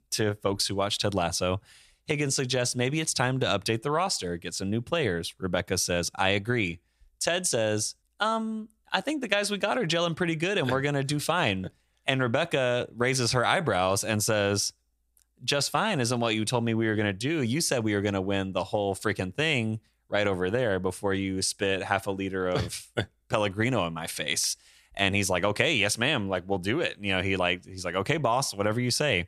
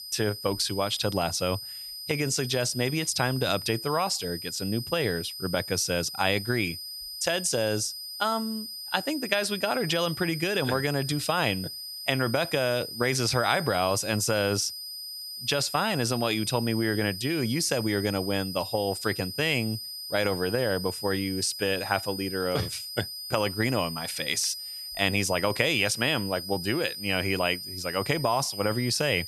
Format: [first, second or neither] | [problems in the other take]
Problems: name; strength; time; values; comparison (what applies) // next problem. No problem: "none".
first | high-pitched whine; loud; throughout; 5 kHz, 8 dB below the speech